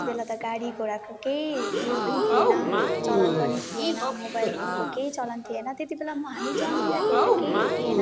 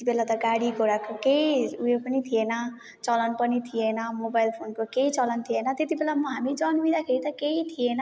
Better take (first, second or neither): second